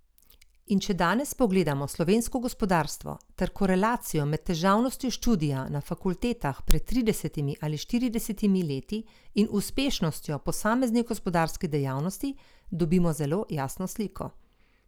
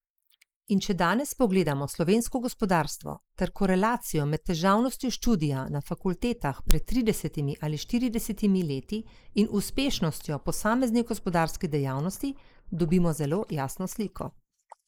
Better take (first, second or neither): first